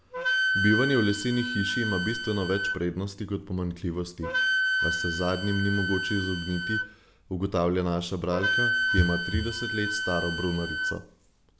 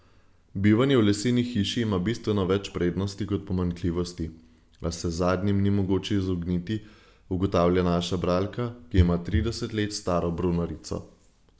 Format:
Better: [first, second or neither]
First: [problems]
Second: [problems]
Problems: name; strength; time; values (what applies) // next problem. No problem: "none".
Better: second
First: background sound (Wind instrument, woodwind instrument); 2 dB below the speech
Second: none